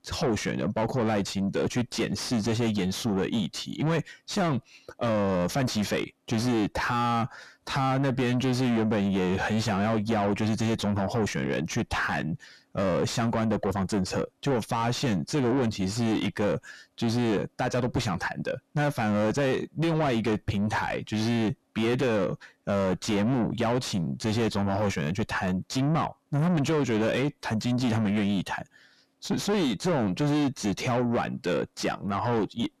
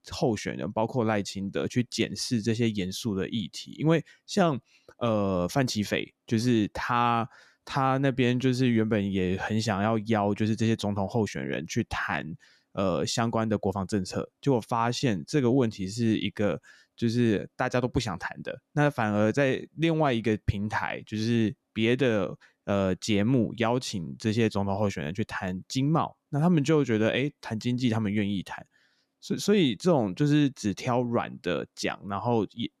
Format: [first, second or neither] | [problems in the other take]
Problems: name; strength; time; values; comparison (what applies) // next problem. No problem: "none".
second | distortion; heavy; 5 dB below the speech